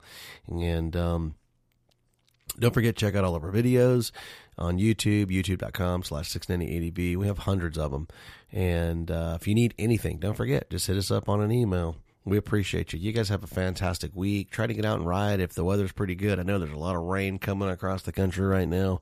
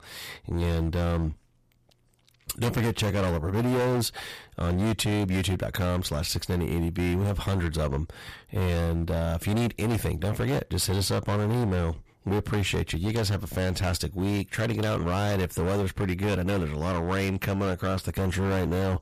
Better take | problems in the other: first | distortion; heavy; 23% of the sound clipped

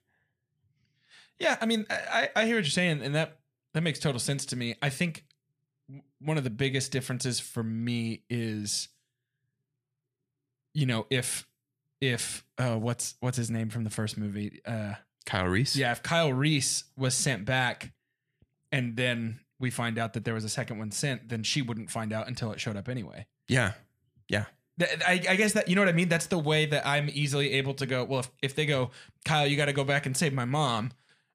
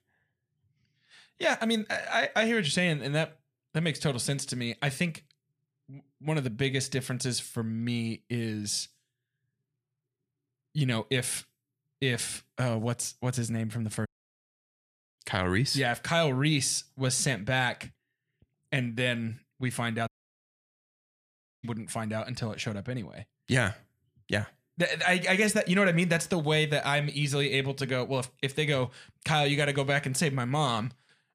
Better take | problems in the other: first | audio cutting out; at 14 s for 1 s and at 20 s for 1.5 s

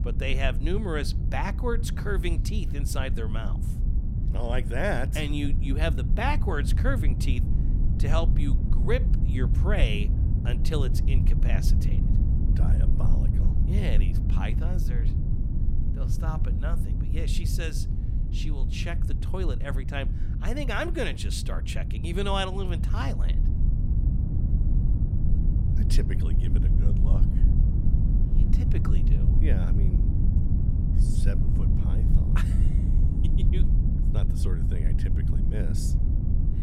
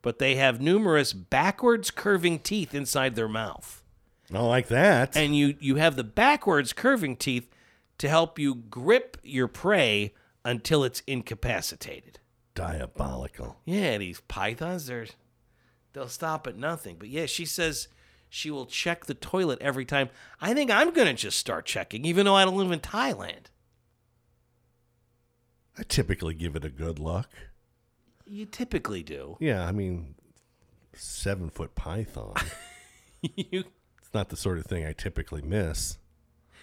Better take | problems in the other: second | low rumble; loud; throughout; 7 dB below the speech

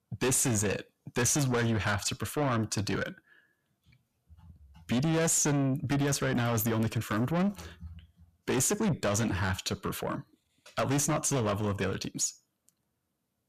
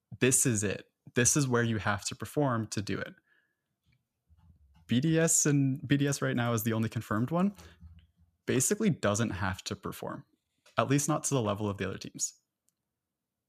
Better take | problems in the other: second | distortion; heavy; 6 dB below the speech

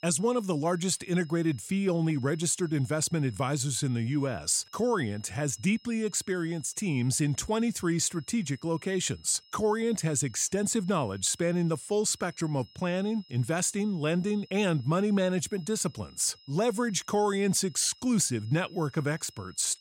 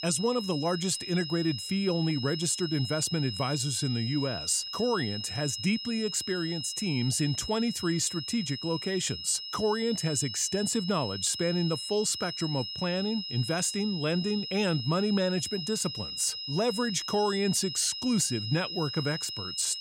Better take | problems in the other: first | high-pitched whine; loud; throughout; 5 kHz, 6 dB below the speech; faint in the first

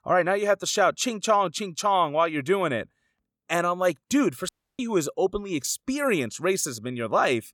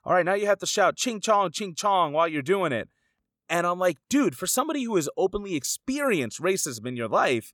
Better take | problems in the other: second | audio cutting out; at 4.5 s

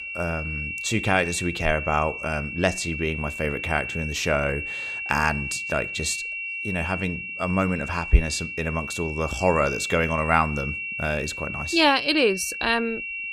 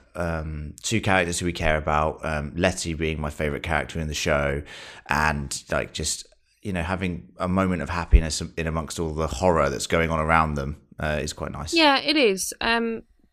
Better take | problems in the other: second | high-pitched whine; loud; throughout; 2.5 kHz, 5 dB below the speech

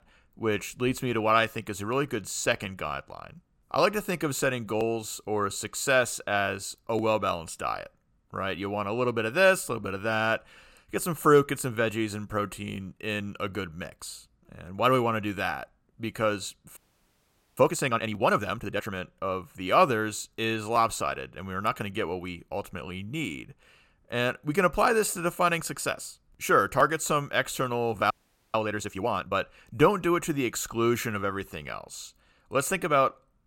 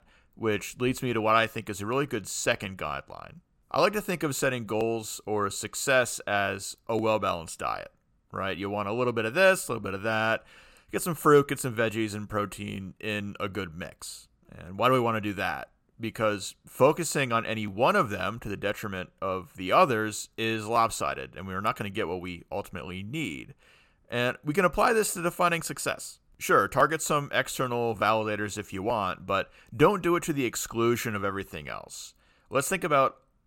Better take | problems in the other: second | audio freezing; at 17 s for 1 s and at 28 s

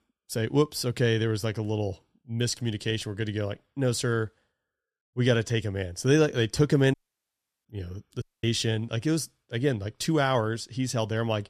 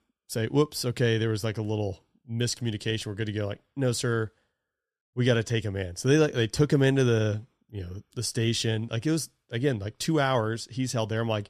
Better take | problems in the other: second | audio cutting out; at 7 s for 0.5 s and at 8 s

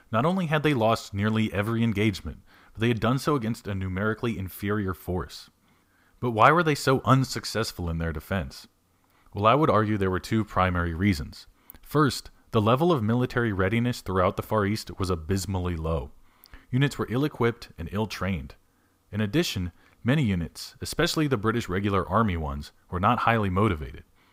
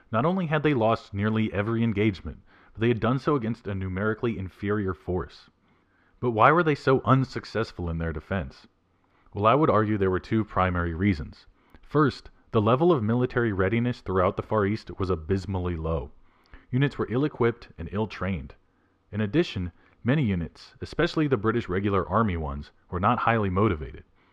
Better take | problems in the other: first | muffled; slightly; fading above 3 kHz

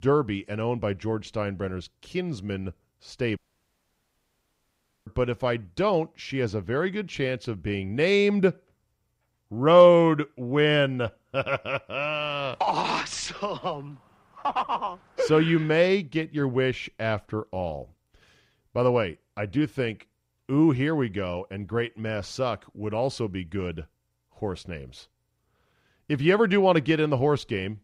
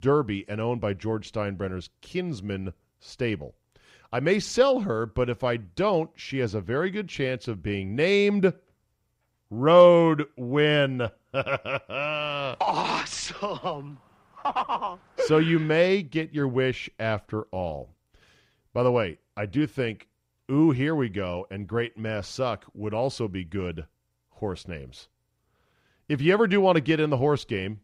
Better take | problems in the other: second | audio cutting out; at 3.5 s for 1.5 s

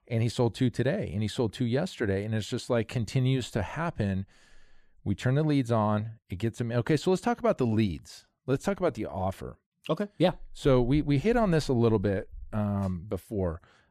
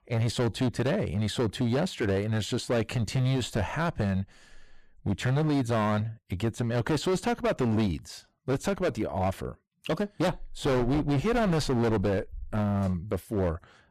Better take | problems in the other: first | distortion; heavy; 16% of the sound clipped

